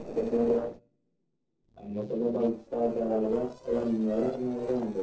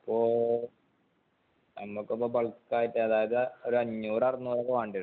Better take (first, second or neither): second